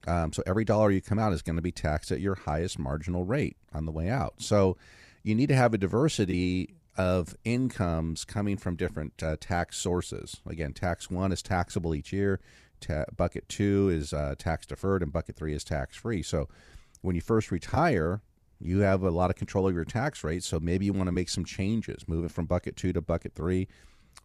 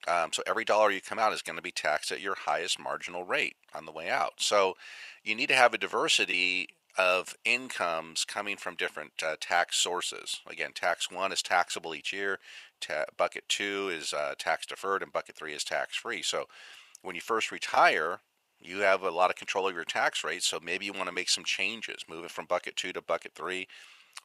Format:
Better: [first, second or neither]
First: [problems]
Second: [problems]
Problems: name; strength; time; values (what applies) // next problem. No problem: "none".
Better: first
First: none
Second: thin; very; fading below 850 Hz